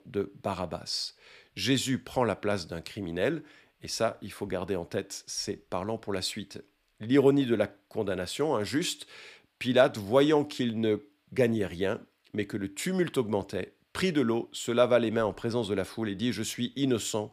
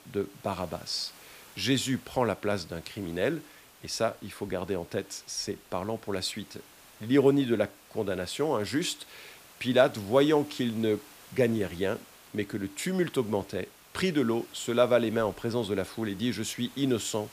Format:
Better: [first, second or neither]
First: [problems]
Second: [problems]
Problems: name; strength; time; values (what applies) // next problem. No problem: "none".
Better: first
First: none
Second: hiss; faint; throughout; 20 dB below the speech